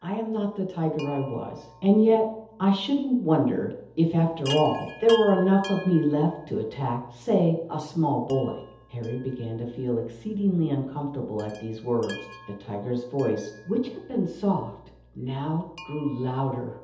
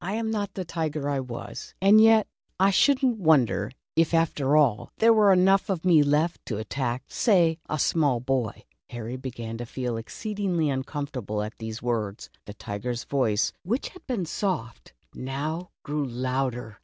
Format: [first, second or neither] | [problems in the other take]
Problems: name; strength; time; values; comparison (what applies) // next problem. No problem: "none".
second | background sound (Chime); 19 dB below the speech // room echo; dies away in 0.8 s